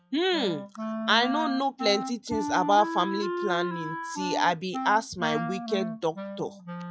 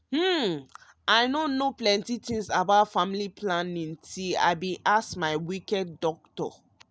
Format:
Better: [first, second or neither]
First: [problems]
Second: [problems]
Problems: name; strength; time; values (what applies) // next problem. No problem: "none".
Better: second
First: noise reduction (classical method log-MMSE)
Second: none